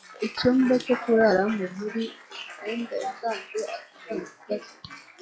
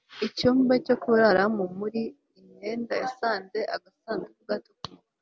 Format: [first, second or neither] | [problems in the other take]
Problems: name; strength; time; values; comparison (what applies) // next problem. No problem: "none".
second | noise reduction (classical method log-MMSE)